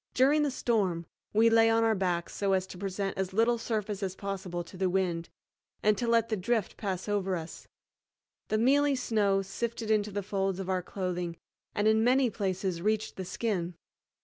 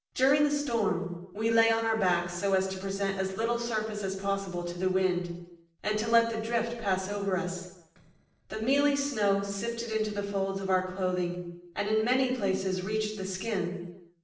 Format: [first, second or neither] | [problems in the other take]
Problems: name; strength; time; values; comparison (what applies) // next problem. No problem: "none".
first | noise reduction (neural separator model SepFormer DNS4)